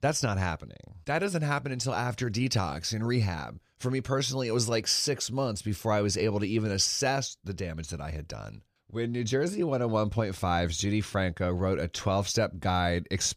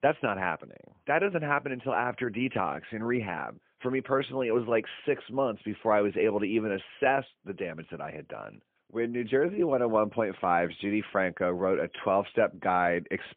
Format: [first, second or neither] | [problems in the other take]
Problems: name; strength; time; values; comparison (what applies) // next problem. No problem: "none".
first | phone-call audio; poor line